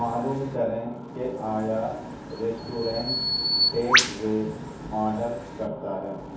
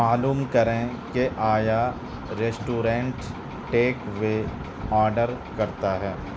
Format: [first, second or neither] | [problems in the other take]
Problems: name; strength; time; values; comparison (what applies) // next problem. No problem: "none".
second | background sound (Bird vocalization, bird call, bird song); 1 dB below the speech // room echo; dies away in 0.6 s